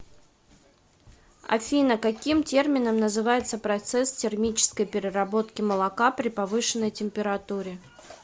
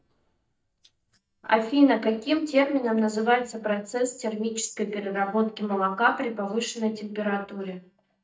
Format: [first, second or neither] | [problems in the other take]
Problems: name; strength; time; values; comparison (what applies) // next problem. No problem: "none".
first | noise reduction (neural mask model DeepFilterNet 3)